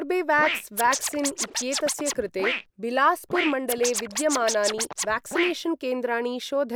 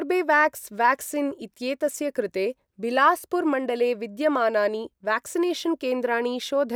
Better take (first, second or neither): second